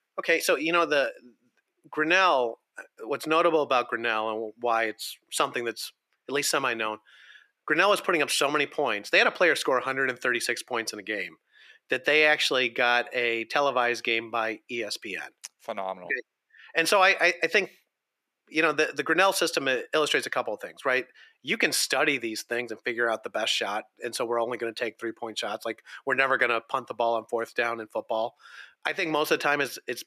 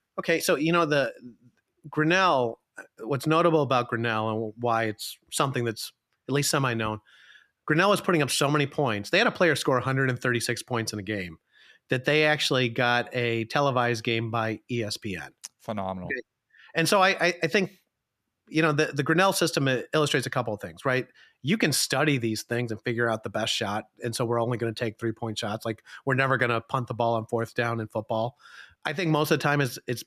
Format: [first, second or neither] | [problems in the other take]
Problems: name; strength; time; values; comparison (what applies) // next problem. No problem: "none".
second | thin; somewhat; fading below 450 Hz